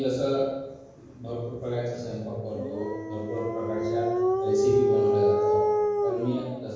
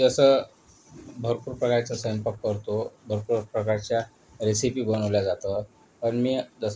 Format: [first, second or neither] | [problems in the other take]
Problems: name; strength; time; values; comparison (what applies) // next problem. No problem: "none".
second | background sound (Dog); 3 dB above the speech // room echo; dies away in 1.3 s